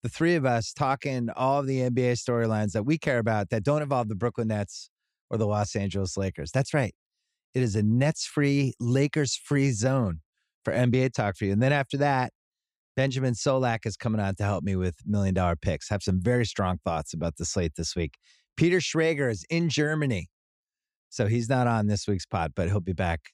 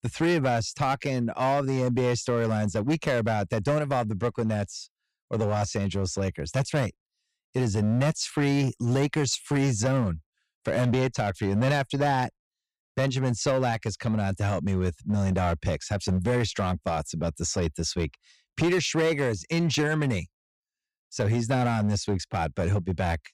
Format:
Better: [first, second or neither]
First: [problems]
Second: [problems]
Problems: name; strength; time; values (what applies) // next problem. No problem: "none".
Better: first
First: none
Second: distortion; slight; 8% of the sound clipped